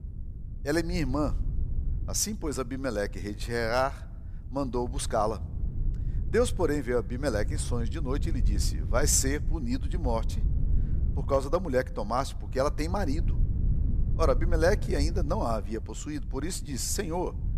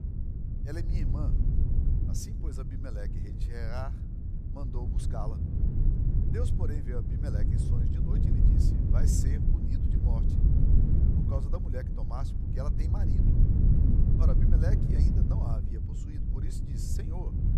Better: first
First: wind noise on the microphone; occasional gusts; 20 dB below the speech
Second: wind noise on the microphone; heavy; 2 dB above the speech

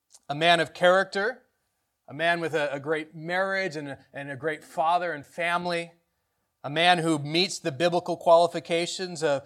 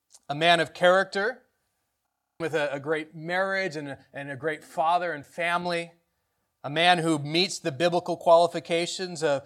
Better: first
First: none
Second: audio freezing; at 2 s

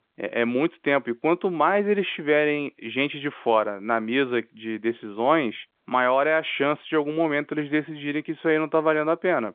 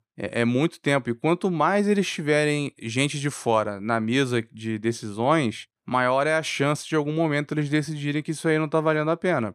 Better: second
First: phone-call audio; nothing above 3.5 kHz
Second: none

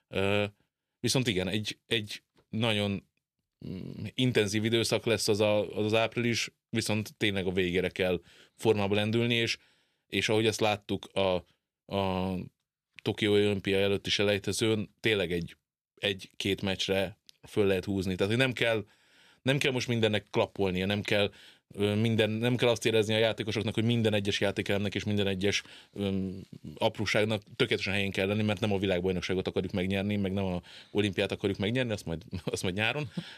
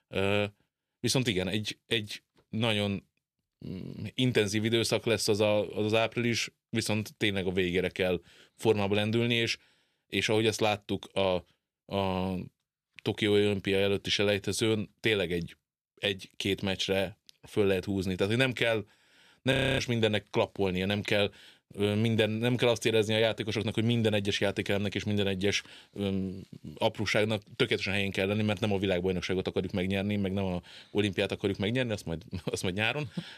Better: first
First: none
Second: audio freezing; at 20 s

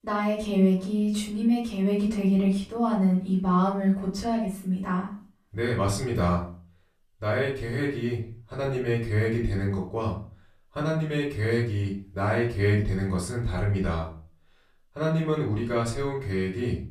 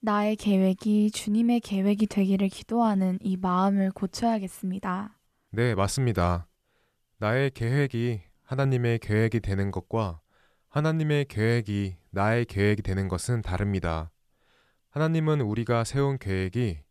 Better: second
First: off-mic speech; far // room echo; slight; dies away in 0.4 s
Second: none

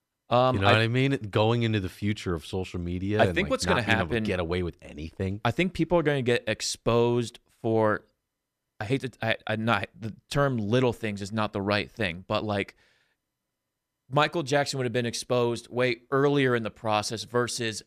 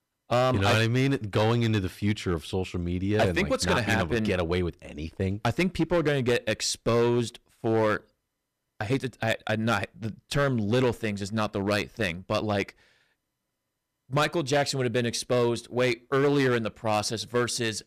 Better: first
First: none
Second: distortion; slight; 6% of the sound clipped

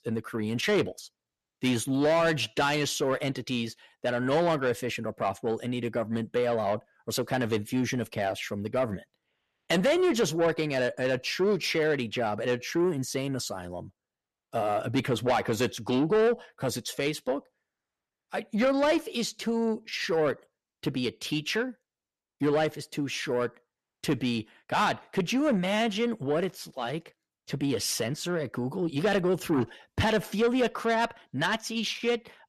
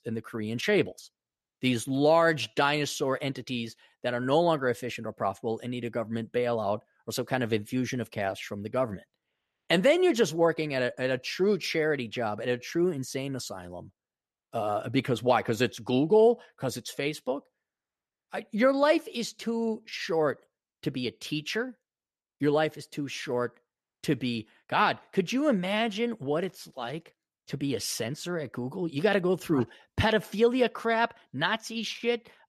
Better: second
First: distortion; slight; 10 dB below the speech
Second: none

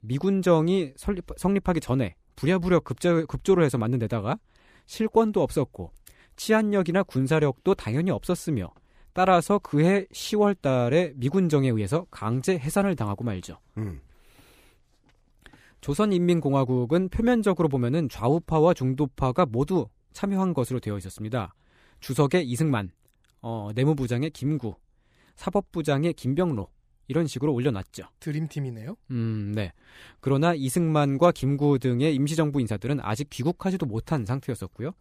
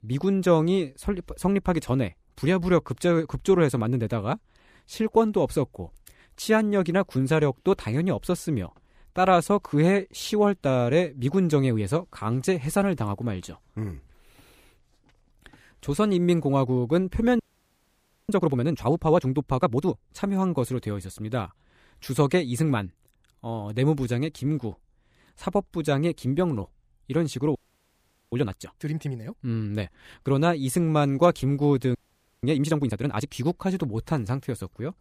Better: first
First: none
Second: audio freezing; at 17 s for 1 s, at 28 s for 1 s and at 32 s

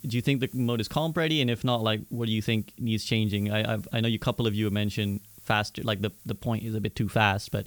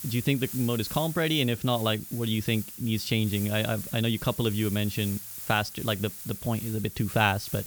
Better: first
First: hiss; faint; throughout; 20 dB below the speech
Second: hiss; loud; throughout; 9 dB below the speech

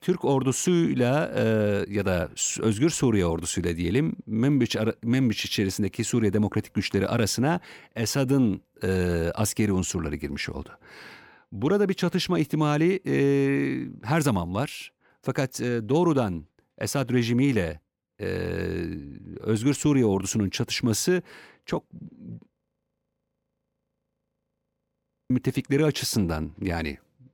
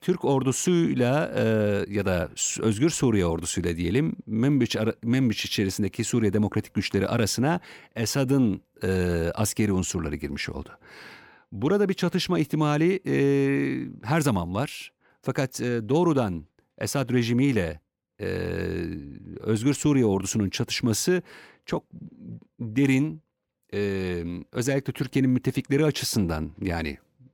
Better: second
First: audio freezing; at 23 s for 3 s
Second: none

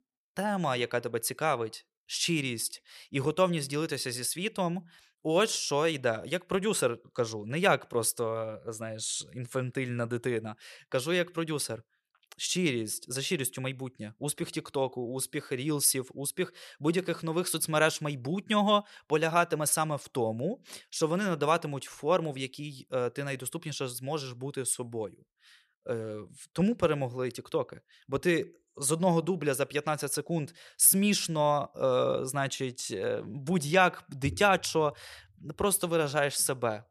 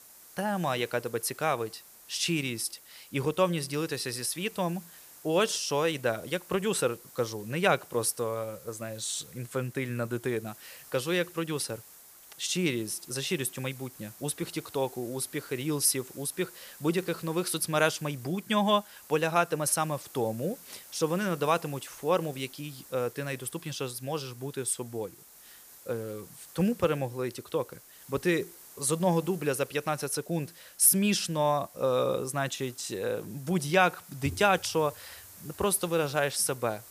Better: first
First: none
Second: hiss; noticeable; throughout; 20 dB below the speech

